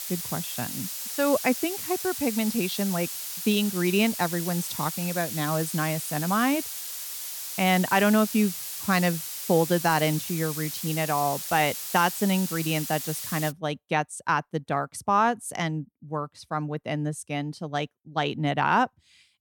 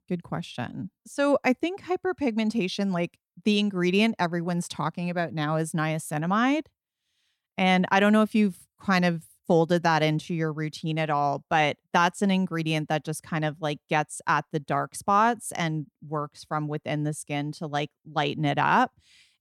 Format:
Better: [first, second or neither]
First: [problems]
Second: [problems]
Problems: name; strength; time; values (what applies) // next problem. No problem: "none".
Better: second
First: hiss; loud; until 14 s; 5 dB below the speech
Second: none